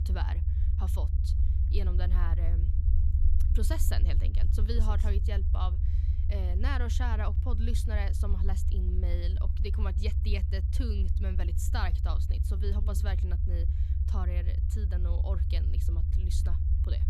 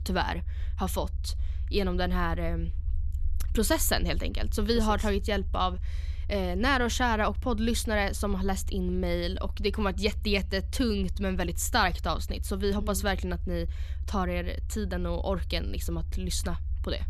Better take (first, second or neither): second